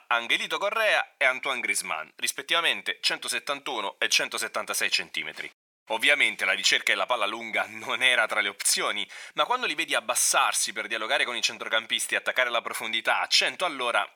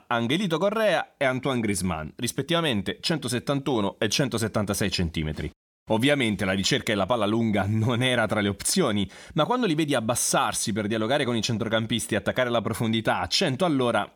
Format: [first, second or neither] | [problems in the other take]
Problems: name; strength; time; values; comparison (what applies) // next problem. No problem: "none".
second | thin; very; fading below 800 Hz